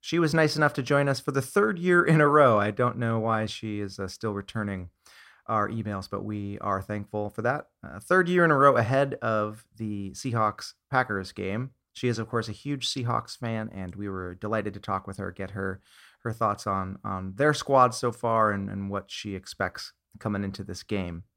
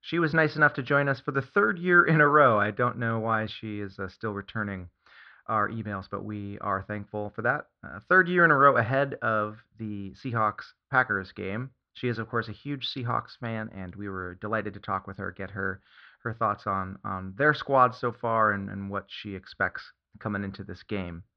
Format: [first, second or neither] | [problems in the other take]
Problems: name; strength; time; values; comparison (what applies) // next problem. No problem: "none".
first | muffled; slightly; fading above 4 kHz